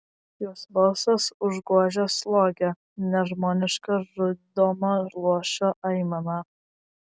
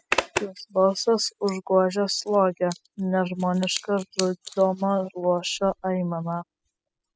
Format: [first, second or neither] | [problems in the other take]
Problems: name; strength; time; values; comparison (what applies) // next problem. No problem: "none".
first | noise reduction (classical method spectral subtraction)